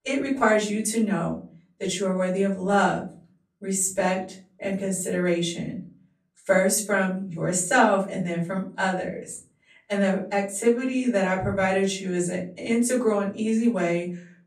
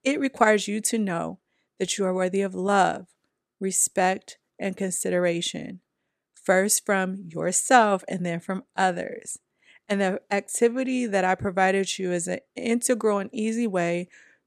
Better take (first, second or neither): second